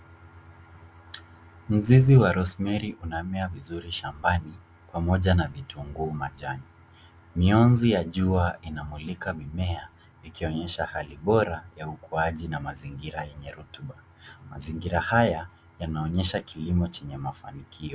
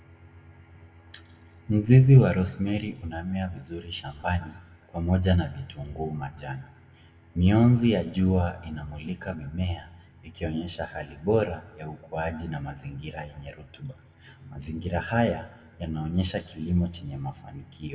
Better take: first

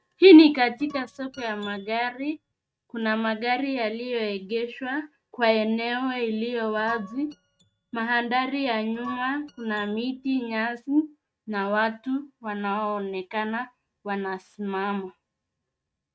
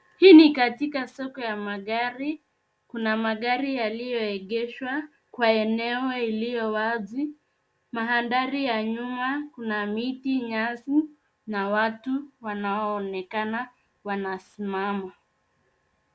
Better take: second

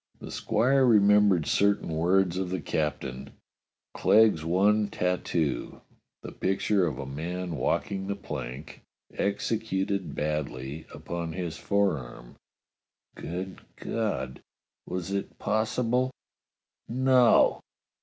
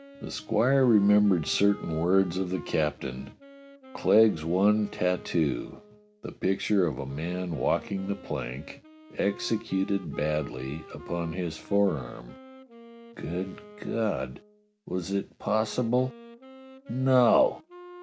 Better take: first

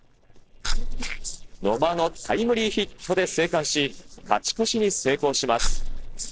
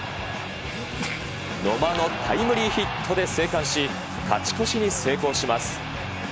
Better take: second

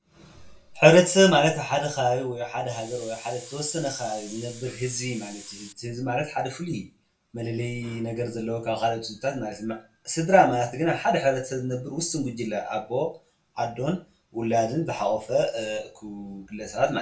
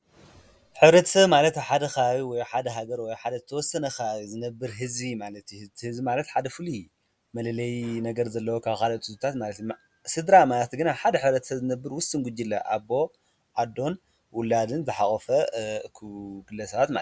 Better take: second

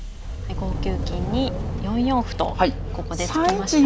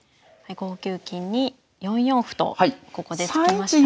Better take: second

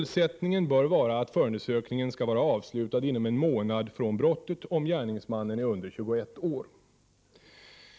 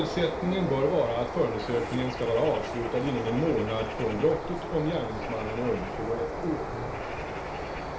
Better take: first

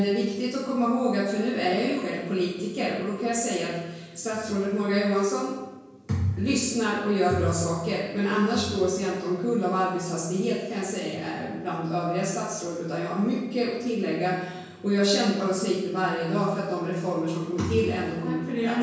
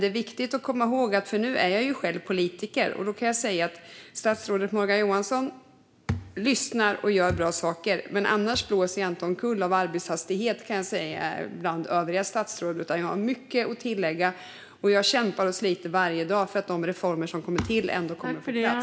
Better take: second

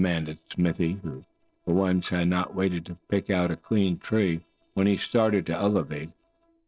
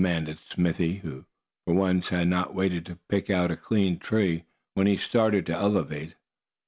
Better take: second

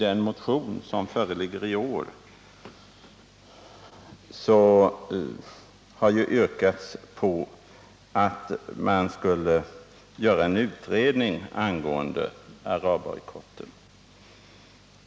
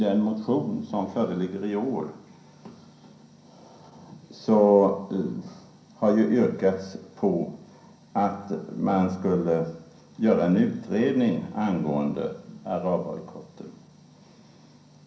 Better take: first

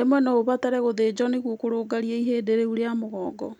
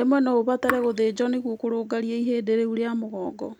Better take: first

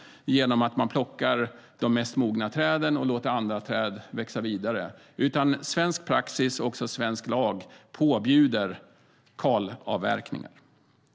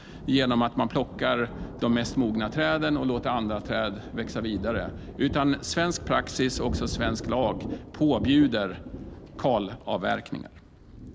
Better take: first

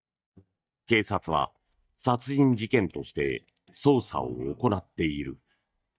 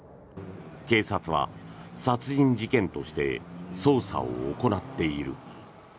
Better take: second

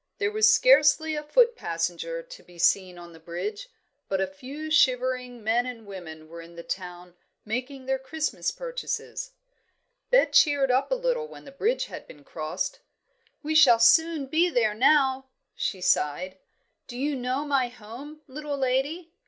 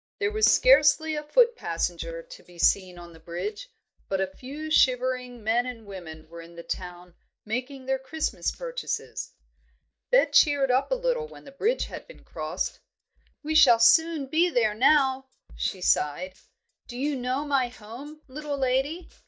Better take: first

